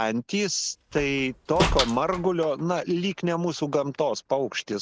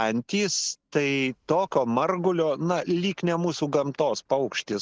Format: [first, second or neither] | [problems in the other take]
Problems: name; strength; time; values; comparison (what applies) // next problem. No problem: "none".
second | background sound (Slam); 6 dB below the speech